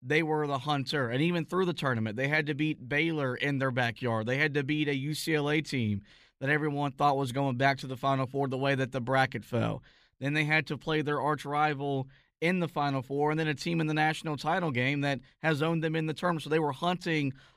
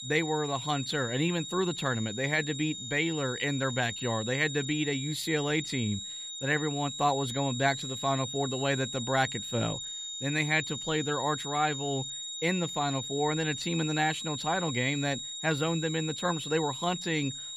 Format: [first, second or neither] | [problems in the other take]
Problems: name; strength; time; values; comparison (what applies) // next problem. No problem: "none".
first | high-pitched whine; loud; throughout; 4 kHz, 6 dB below the speech